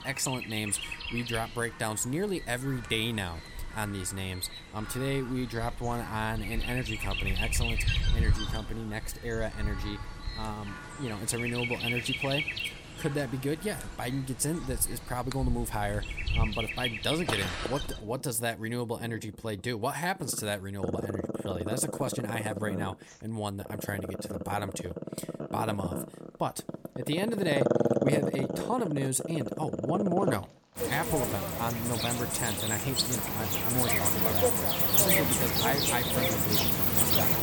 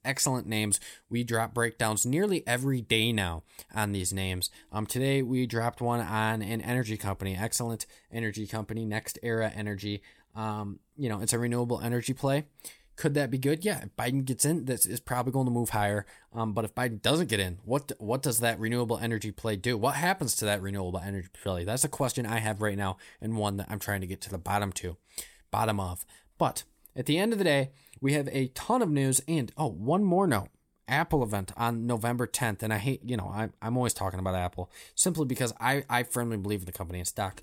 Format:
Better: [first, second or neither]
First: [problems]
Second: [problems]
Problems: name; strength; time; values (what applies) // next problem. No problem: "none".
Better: second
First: animal sounds; very loud; throughout; 4 dB above the speech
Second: none